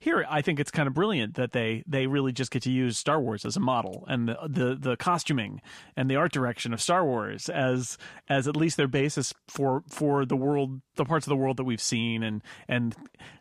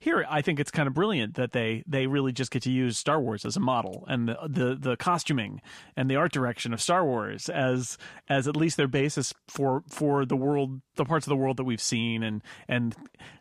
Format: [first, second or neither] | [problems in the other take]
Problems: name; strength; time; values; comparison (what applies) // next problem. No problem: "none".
neither | none